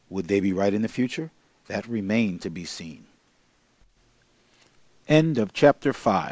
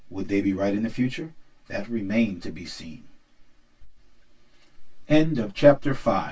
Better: first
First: none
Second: room echo; dies away in 0.1 s

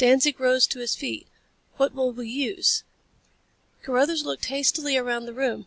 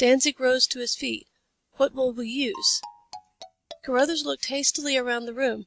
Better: first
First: none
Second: noise reduction (neural mask model RNNoise)

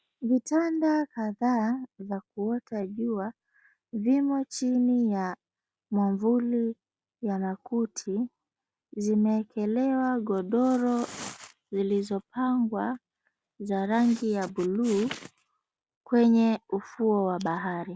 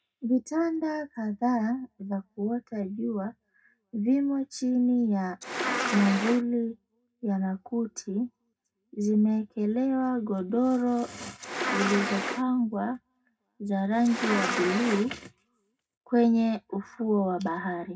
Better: first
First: none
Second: background sound (Insect); 2 dB below the speech // room echo; dies away in 0.2 s

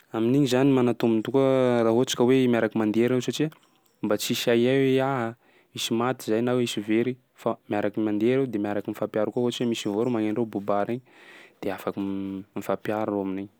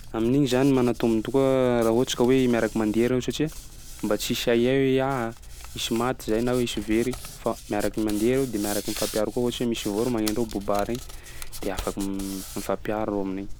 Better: first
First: none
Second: background sound (Hands); 12 dB below the speech

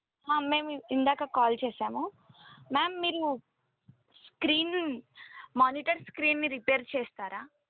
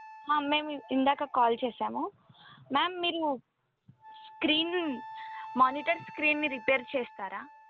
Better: first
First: none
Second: background sound (Wind instrument, woodwind instrument); 18 dB below the speech

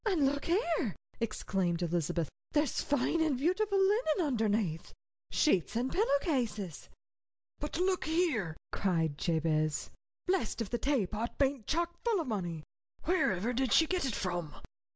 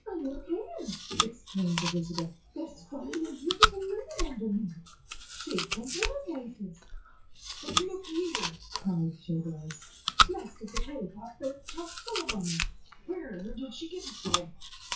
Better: first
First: none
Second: noise reduction (classical method WPE with log-MMSE)

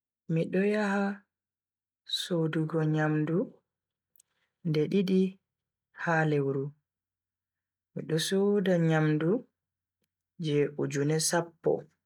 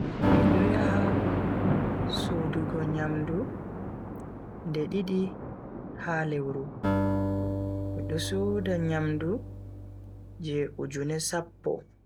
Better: first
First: none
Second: background sound (Acoustic guitar + Thunder); 3 dB above the speech

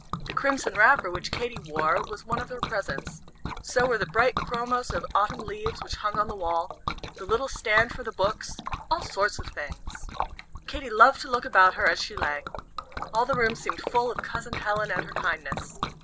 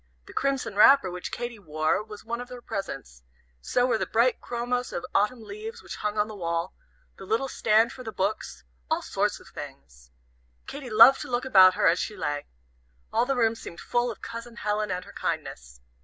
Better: second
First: background sound (Liquid); 8 dB below the speech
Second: none

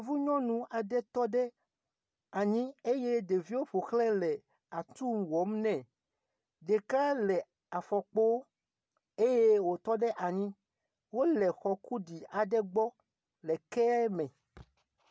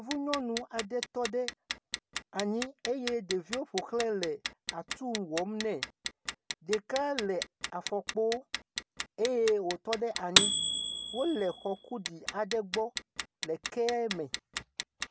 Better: first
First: none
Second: background sound (Clock); 3 dB below the speech

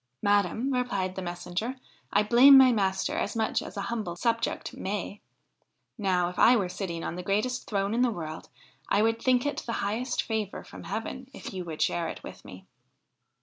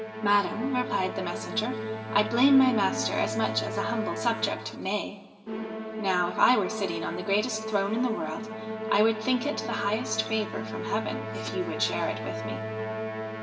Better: first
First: none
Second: background sound (Musical instrument); 6 dB below the speech // room echo; dies away in 1.5 s

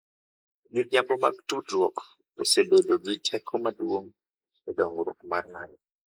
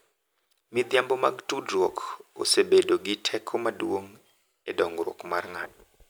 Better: second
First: noise reduction (neural mask model Resemble Enhance denoiser)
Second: none

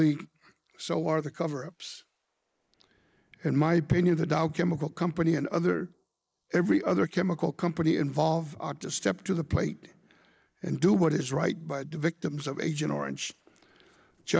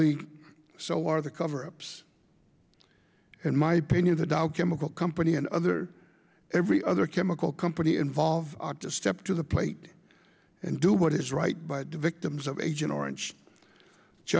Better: second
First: noise reduction (neural mask model Resemble Enhance denoiser)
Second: none

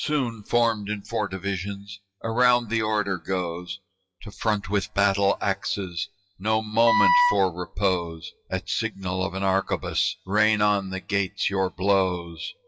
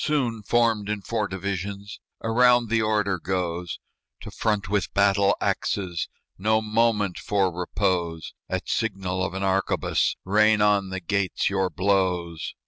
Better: second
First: noise reduction (classical method WPE with log-MMSE)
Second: none

